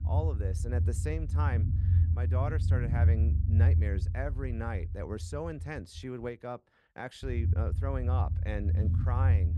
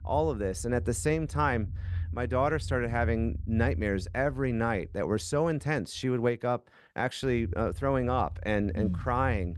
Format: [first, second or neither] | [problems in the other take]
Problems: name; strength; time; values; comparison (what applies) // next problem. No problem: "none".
second | low rumble; loud; throughout; 5 dB below the speech; faint in the second